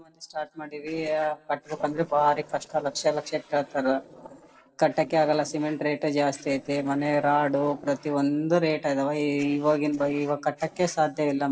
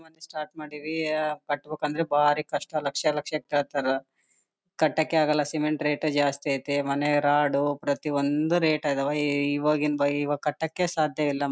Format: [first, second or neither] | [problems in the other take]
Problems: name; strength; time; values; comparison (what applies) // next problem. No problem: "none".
second | noise reduction (neural separator model SepFormer DNS4)